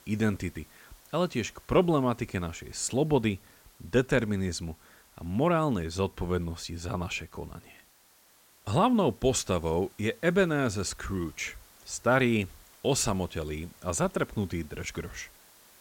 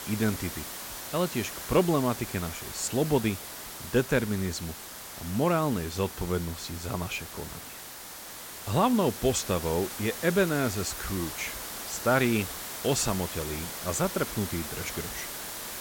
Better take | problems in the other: first | hiss; loud; throughout; 8 dB below the speech; faint in the first

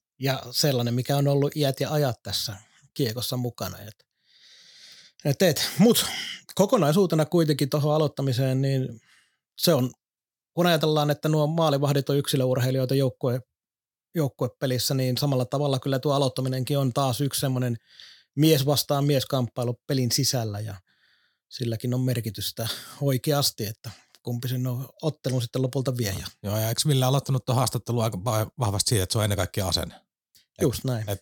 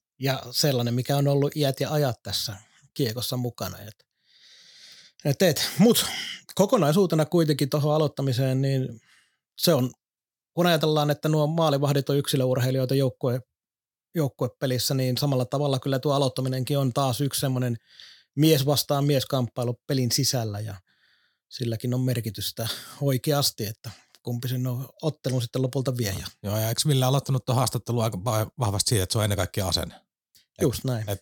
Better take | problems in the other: neither | none

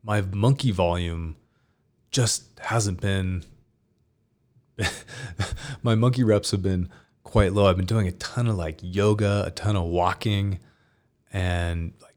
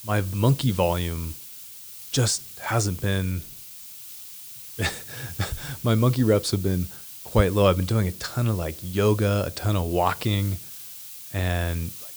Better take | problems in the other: first | hiss; noticeable; throughout; 15 dB below the speech

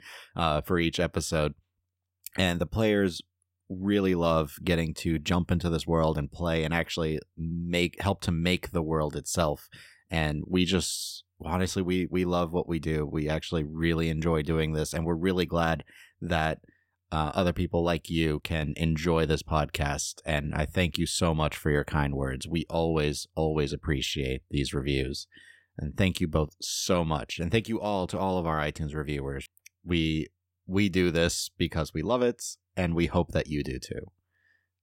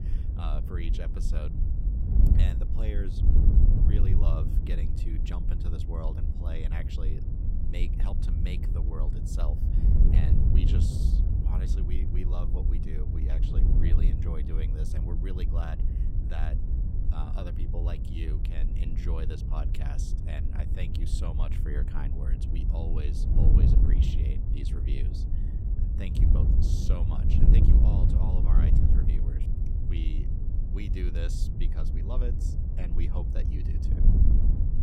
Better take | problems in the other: first | wind noise on the microphone; heavy; 1 dB above the speech

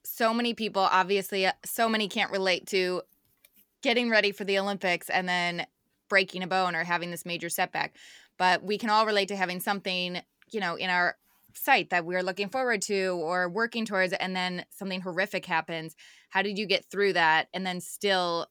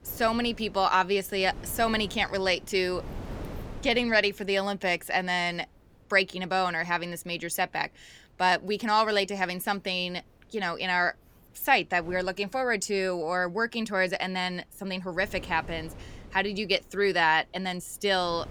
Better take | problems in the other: first | wind noise on the microphone; occasional gusts; 25 dB below the speech

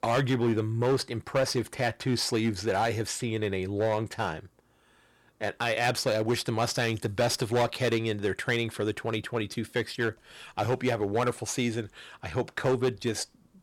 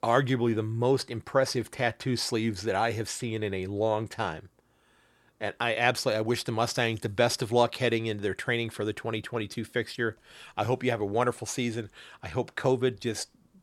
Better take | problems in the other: second | distortion; slight; 5% of the sound clipped

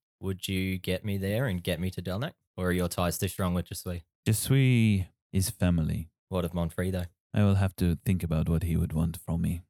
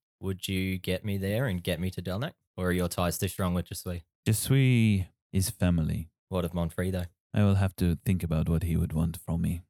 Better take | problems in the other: neither | none

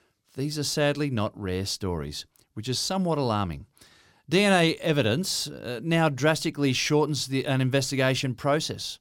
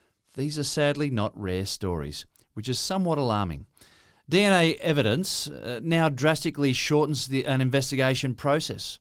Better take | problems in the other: first | garbled, watery; slightly; nothing above 16.5 kHz

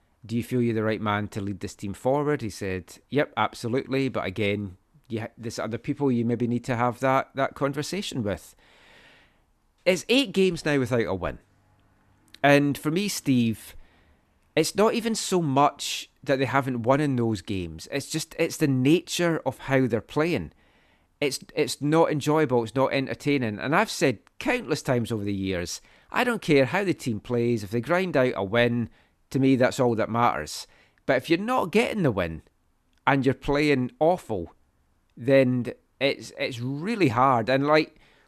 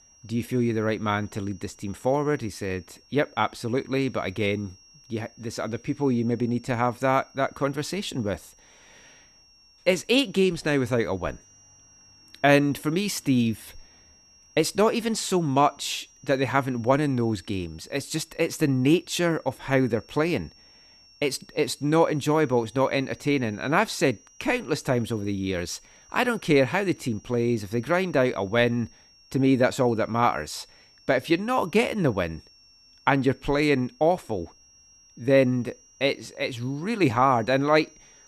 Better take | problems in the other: first | high-pitched whine; faint; throughout; 5.5 kHz, 30 dB below the speech

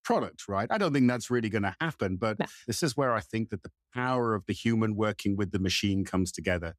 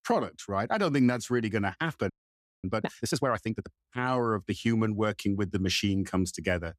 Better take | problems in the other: first | audio freezing; at 2 s for 0.5 s

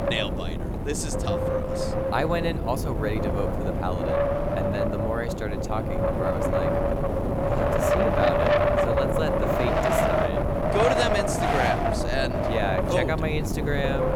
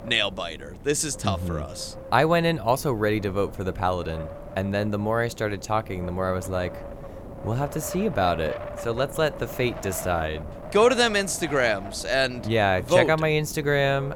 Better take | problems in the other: second | wind noise on the microphone; heavy; 5 dB above the speech; occasional gusts in the second

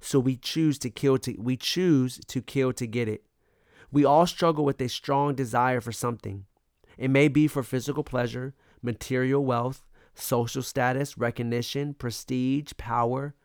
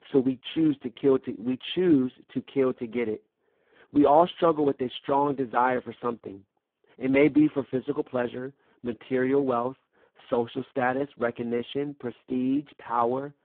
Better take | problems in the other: first | phone-call audio; poor line

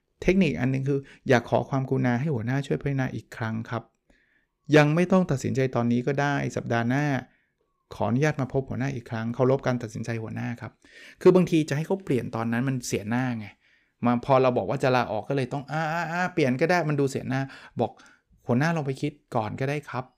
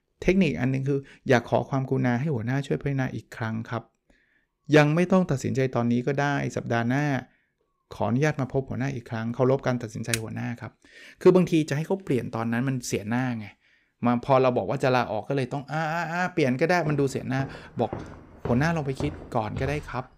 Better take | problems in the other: first | keyboard typing; very faint; at 10 s; peak 6 dB below the speech // footsteps; faint; from 17 s on; peak 10 dB below the speech

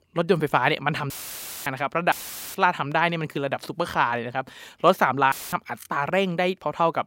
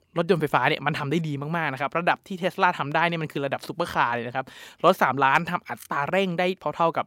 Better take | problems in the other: second | audio cutting out; filled with static; at 1 s for 0.5 s, at 2 s and at 5.5 s

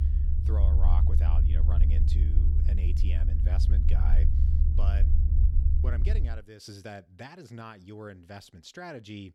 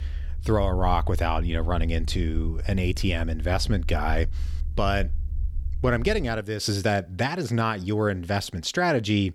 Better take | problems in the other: second | low rumble; loud; until 6.5 s; as loud as the speech; faint in the second

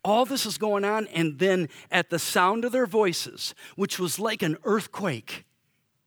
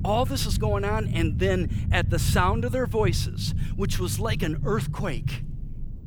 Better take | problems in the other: first | low rumble; noticeable; throughout; 15 dB below the speech

